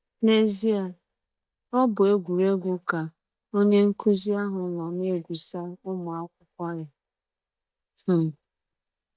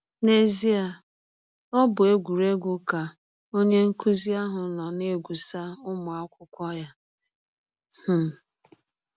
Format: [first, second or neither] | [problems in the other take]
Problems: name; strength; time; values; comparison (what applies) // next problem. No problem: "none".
second | noise reduction (neural mask model DeepFilterNet 3)